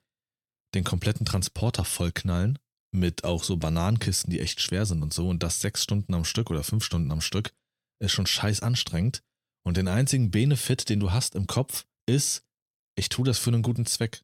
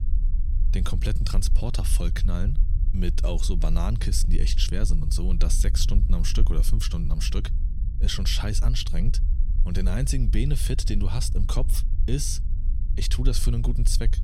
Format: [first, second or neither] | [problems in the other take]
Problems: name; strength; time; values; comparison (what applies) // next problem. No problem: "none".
first | low rumble; noticeable; throughout; 15 dB below the speech